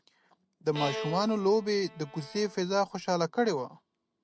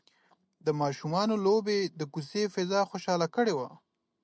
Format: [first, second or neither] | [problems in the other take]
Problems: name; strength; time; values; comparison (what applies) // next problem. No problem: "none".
second | background sound (Bowed string instrument); 11 dB below the speech